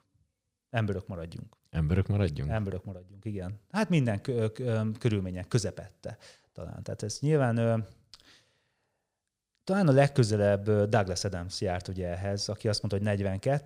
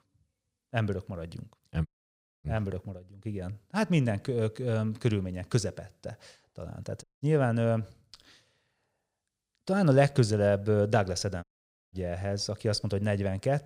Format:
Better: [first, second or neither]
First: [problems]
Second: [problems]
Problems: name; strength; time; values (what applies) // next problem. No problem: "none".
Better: first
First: none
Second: audio cutting out; at 2 s for 0.5 s, at 7 s and at 11 s